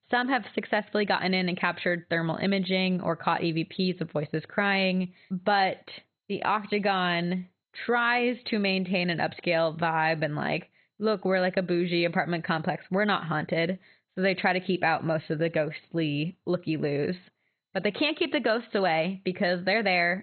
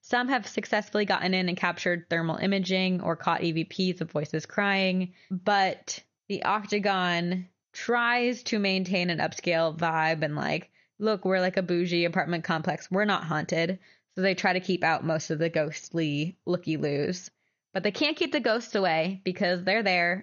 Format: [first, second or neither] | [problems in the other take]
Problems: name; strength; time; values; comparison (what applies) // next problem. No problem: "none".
second | garbled, watery; badly; nothing above 4 kHz; slightly in the second